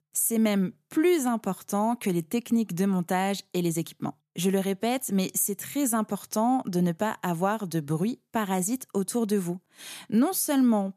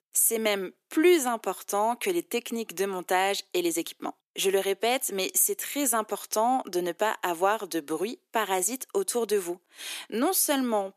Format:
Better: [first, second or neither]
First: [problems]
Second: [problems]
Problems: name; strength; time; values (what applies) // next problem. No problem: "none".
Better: first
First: none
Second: thin; somewhat; fading below 350 Hz